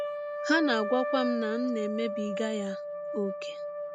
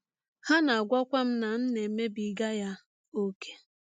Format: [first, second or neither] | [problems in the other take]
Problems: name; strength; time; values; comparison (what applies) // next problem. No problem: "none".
second | background sound (Trumpet); 3 dB below the speech